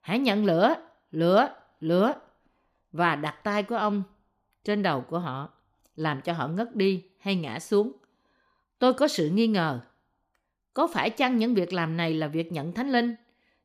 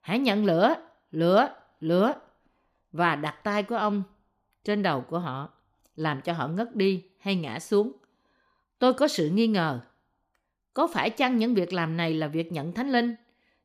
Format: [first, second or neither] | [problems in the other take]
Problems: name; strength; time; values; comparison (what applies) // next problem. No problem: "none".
neither | none